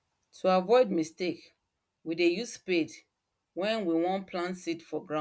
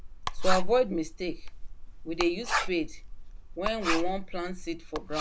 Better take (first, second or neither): first